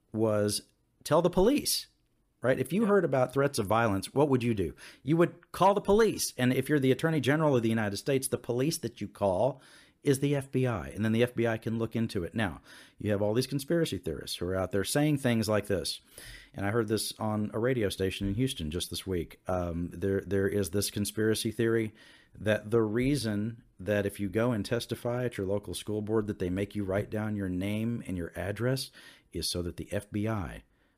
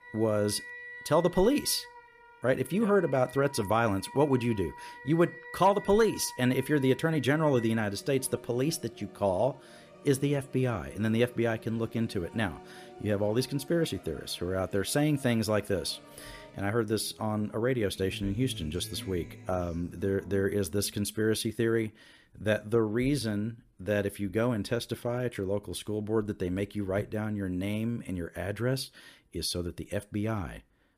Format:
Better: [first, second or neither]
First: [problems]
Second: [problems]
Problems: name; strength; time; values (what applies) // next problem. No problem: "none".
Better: first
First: none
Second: background music; noticeable; until 21 s; 20 dB below the speech